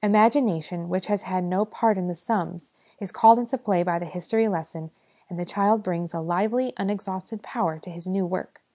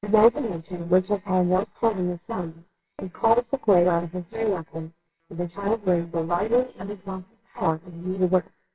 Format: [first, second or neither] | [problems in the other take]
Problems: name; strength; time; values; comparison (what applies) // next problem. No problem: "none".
first | noise reduction (neural separator model SepFormer WHAMR!)